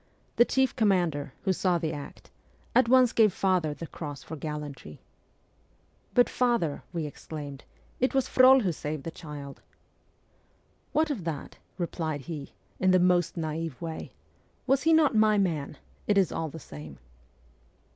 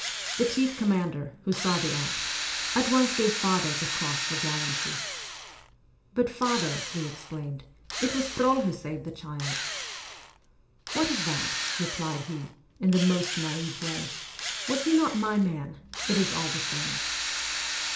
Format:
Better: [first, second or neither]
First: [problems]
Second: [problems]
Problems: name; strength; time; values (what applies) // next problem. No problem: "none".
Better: first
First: none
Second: background sound (Drill); 4 dB below the speech // room echo; dies away in 0.5 s